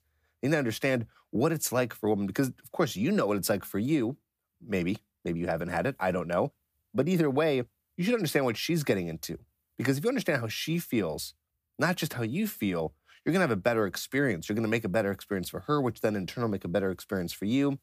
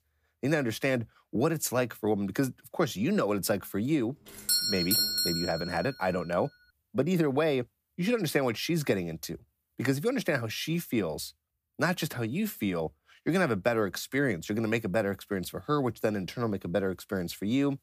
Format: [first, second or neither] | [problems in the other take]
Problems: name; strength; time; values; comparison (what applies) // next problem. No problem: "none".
first | doorbell; loud; from 4.5 to 5.5 s; peak 6 dB above the speech